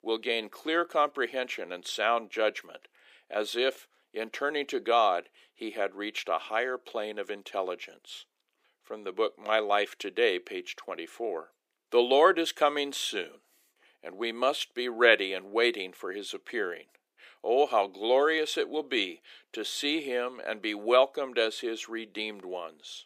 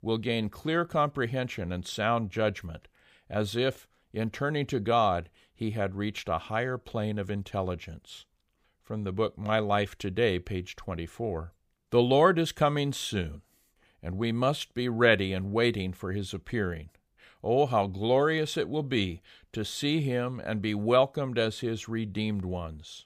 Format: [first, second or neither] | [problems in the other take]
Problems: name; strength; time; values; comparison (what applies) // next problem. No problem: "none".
second | thin; somewhat; fading below 300 Hz